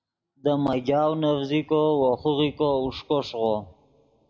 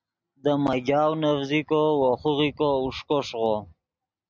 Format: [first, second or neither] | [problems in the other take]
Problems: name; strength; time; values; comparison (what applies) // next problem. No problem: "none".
second | room echo; dies away in 0.8 s